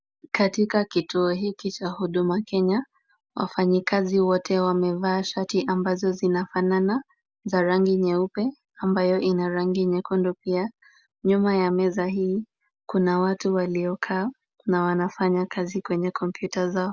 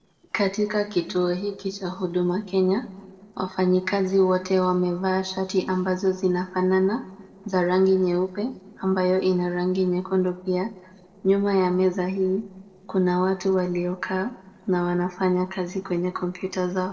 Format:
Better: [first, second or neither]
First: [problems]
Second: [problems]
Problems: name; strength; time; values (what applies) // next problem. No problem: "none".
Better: first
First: none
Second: noise reduction (neural separator model SepFormer DNS4)